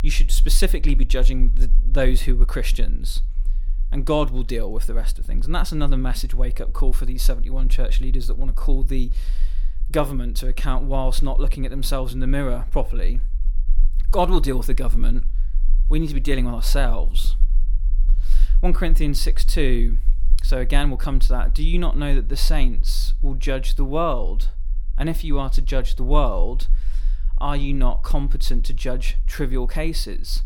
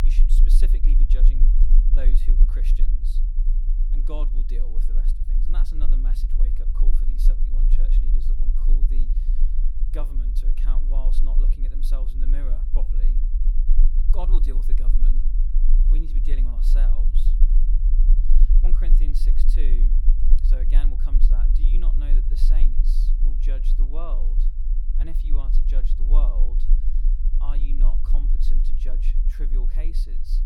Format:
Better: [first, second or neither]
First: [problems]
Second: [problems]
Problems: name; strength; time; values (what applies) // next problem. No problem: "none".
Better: first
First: low rumble; faint; throughout; 25 dB below the speech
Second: low rumble; loud; throughout; 4 dB below the speech